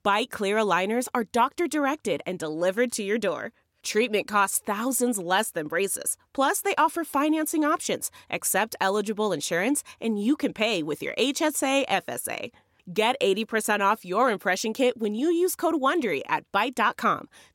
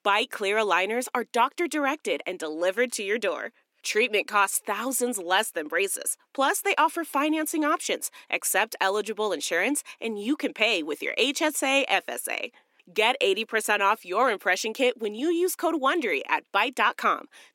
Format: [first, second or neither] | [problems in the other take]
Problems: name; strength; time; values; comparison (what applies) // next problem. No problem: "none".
first | thin; very slightly; fading below 250 Hz